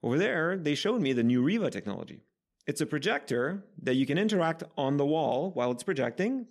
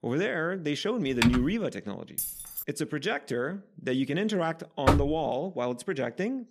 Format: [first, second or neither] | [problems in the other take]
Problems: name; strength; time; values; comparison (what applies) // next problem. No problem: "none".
first | keyboard typing; loud; at 1 s; peak 2 dB above the speech // jangling keys; noticeable; at 2 s; peak 2 dB below the speech // door banging; loud; at 5 s; peak 4 dB above the speech